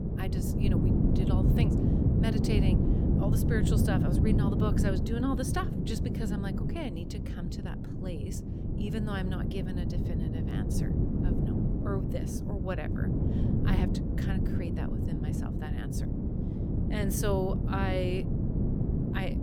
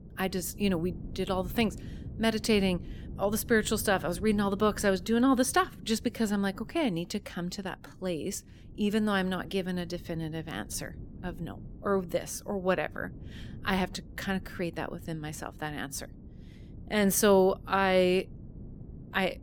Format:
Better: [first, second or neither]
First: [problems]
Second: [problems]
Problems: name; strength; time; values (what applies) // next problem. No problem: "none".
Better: second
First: wind noise on the microphone; heavy; as loud as the speech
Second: wind noise on the microphone; occasional gusts; 25 dB below the speech